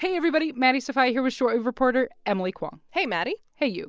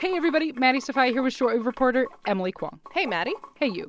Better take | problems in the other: first | background sound (Sink (filling or washing) / Water); 20 dB below the speech

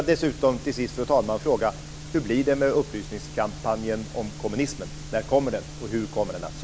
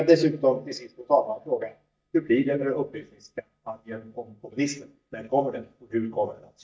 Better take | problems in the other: first | noise reduction (neural mask model DeepFilterNet 3)

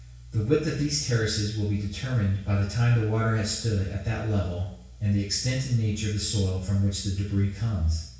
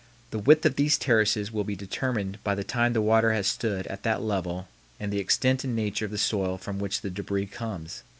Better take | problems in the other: second | room echo; dies away in 0.6 s

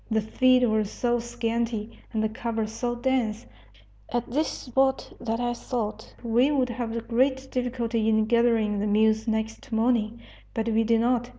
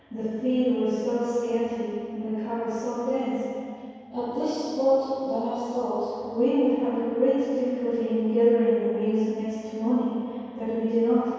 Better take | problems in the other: first | room echo; dies away in 2.2 s

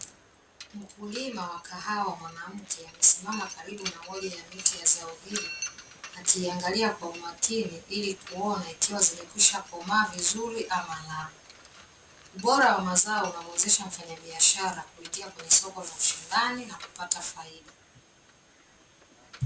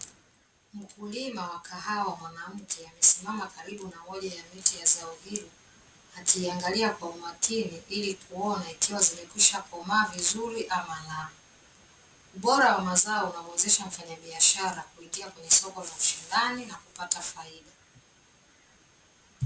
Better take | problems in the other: second | background sound (Mechanisms); 18 dB below the speech

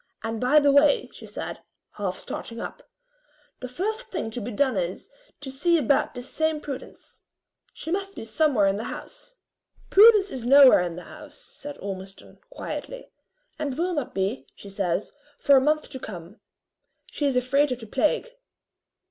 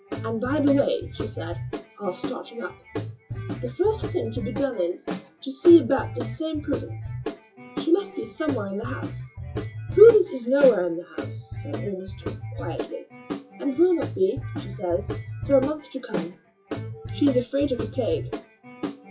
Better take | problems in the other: first | noise reduction (classical method WPE with log-MMSE)

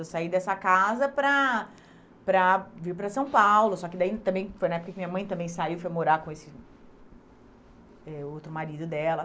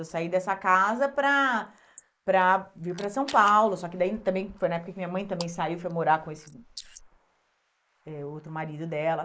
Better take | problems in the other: first | noise reduction (neural mask model Resemble Enhance denoiser)

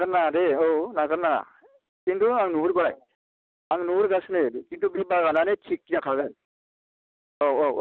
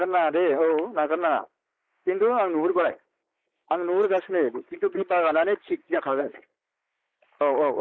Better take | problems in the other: first | noise reduction (neural mask model Resemble Enhance denoiser)

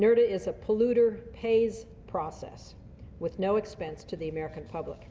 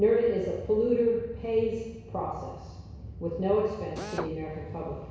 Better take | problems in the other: first | background sound (Drill); 10 dB below the speech // room echo; dies away in 1.1 s

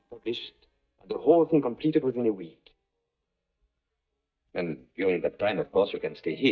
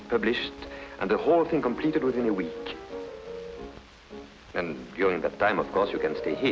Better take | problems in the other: second | noise reduction (neural mask model DeepFilterNet 3)

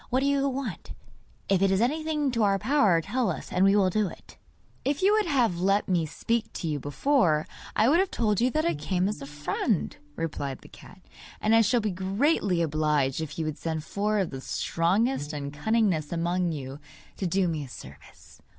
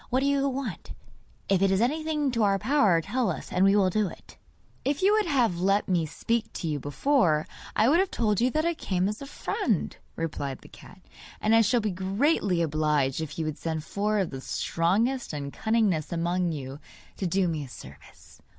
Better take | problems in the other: second | background sound (Bowed string instrument); 18 dB below the speech

